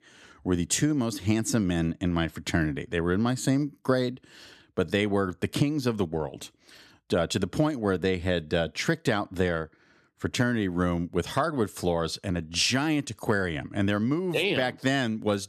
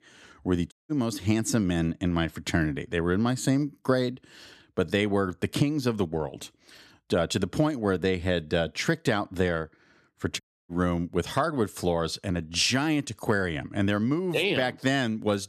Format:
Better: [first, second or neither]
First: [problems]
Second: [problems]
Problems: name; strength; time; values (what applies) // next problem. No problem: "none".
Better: first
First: none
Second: audio cutting out; at 0.5 s and at 10 s